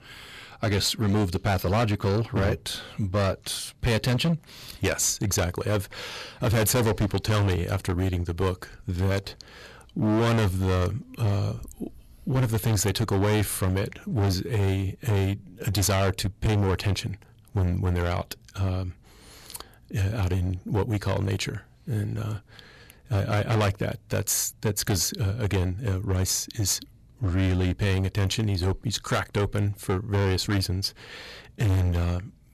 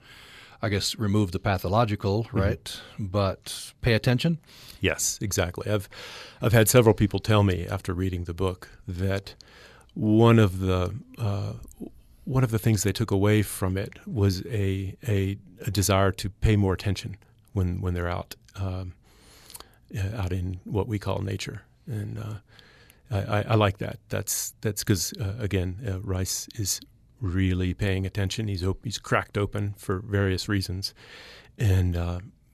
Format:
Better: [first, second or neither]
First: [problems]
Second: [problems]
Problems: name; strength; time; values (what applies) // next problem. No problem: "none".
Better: second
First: distortion; heavy; 14% of the sound clipped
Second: none